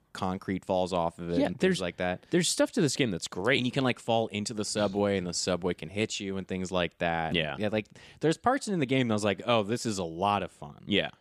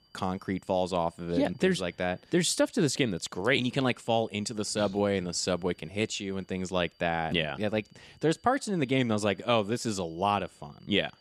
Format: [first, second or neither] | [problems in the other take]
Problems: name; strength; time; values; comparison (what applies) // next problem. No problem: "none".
first | high-pitched whine; faint; throughout; 4.5 kHz, 35 dB below the speech